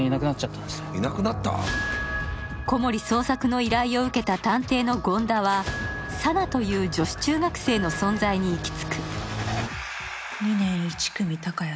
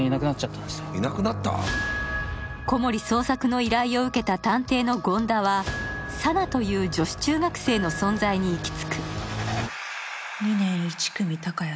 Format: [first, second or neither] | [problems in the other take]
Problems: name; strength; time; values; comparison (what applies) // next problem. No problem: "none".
second | background sound (Scratching (performance technique)); 16 dB below the speech